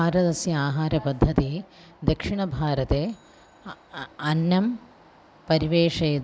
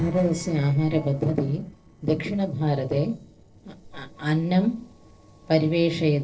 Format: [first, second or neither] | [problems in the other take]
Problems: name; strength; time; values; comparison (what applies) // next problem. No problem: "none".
first | noise reduction (neural separator model SepFormer DNS4)